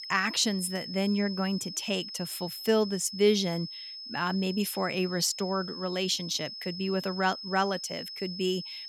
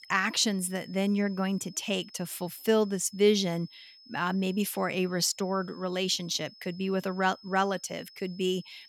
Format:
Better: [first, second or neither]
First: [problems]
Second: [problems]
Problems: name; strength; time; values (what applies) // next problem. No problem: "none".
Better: second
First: high-pitched whine; loud; throughout; 5 kHz, 9 dB below the speech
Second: high-pitched whine; faint; throughout; 5 kHz, 20 dB below the speech